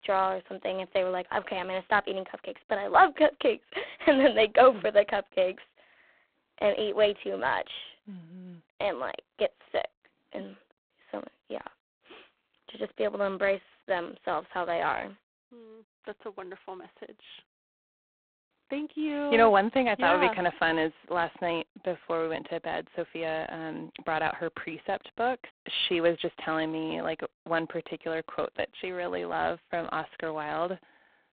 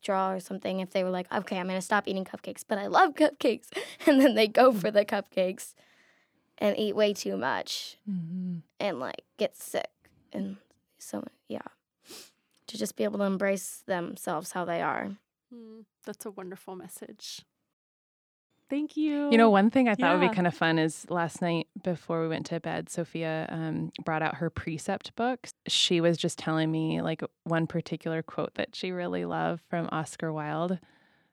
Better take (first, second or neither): second